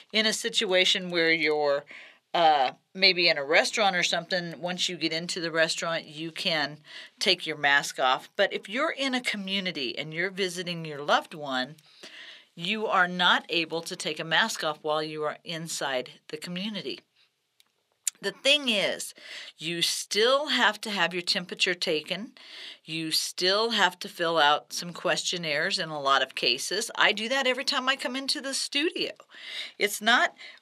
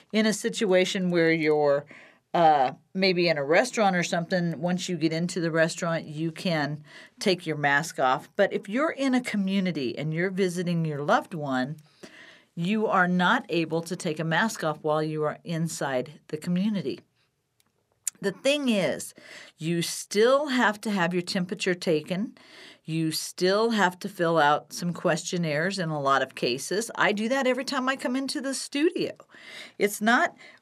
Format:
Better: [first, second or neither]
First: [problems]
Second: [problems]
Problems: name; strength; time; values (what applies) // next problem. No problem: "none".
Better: second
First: thin; somewhat; fading below 1 kHz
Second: none